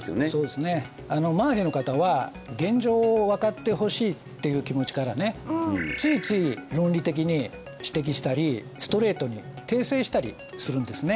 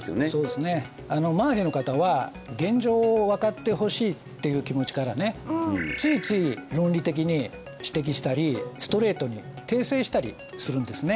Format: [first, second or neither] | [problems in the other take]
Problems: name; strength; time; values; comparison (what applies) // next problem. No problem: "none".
first | background sound (Bowed string instrument); 18 dB below the speech